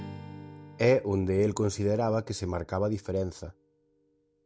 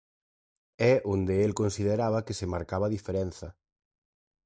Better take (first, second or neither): second